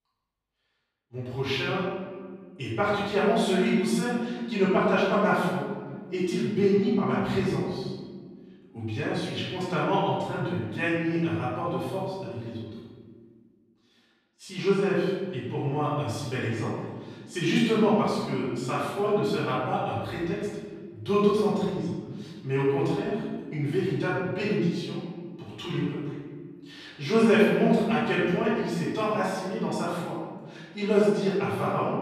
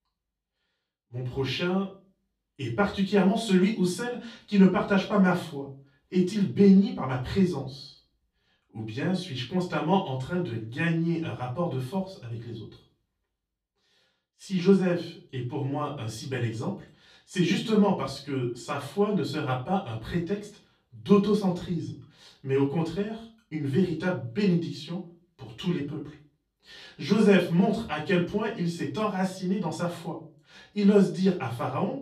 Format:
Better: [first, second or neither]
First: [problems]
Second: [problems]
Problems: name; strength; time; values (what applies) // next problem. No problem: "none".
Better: second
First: room echo; strong; dies away in 1.4 s // off-mic speech; far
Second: room echo; slight; dies away in 0.3 s // off-mic speech; far